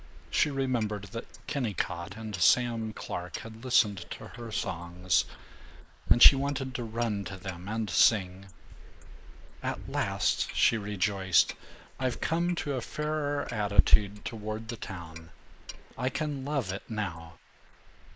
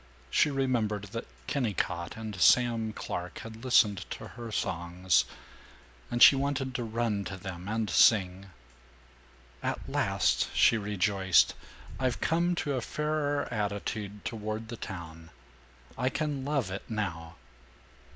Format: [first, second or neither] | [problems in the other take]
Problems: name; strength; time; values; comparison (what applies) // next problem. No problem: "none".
second | noise reduction (neural mask model Resemble Enhance denoiser)